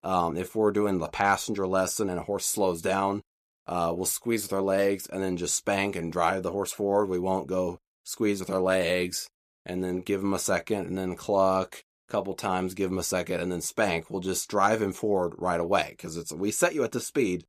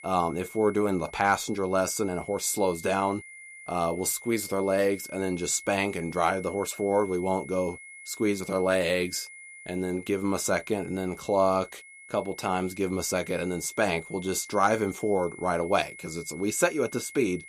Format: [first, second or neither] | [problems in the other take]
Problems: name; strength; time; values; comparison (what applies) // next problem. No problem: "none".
first | high-pitched whine; noticeable; throughout; 2 kHz, 15 dB below the speech